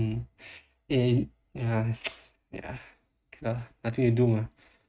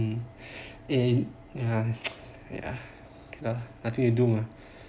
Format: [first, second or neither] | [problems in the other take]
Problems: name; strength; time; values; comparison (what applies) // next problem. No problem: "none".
second | noise reduction (neural mask model RNNoise)